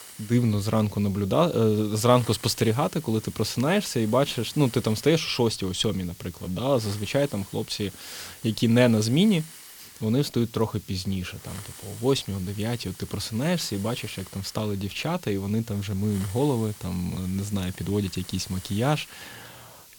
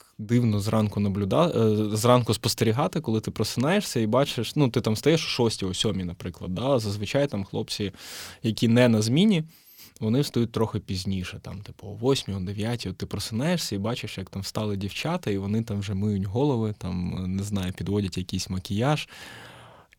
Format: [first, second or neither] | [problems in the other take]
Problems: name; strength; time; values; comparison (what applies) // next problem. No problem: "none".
second | hiss; noticeable; throughout; 15 dB below the speech